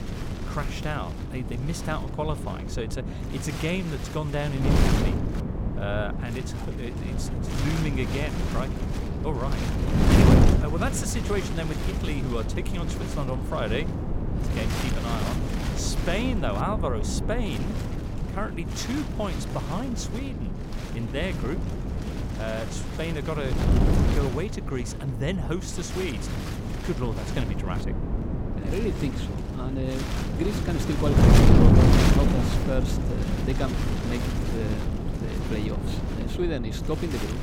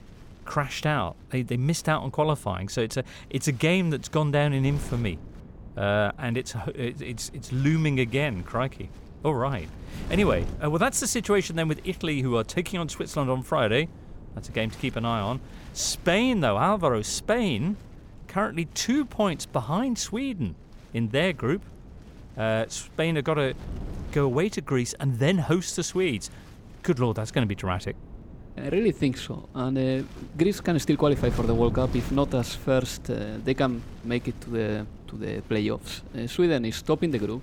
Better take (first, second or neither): second